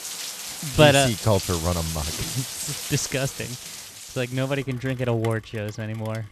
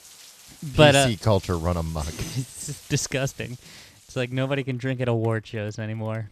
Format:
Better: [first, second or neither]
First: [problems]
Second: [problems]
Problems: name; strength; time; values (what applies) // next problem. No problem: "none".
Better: second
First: rain or running water; loud; throughout; 8 dB below the speech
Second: rain or running water; faint; throughout; 20 dB below the speech